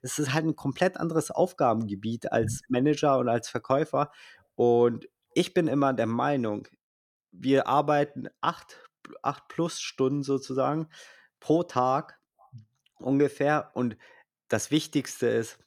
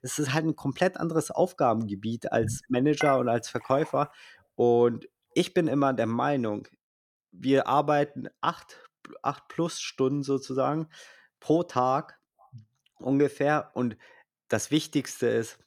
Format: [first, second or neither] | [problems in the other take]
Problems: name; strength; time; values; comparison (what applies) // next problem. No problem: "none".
first | clattering dishes; noticeable; at 3 s; peak 6 dB below the speech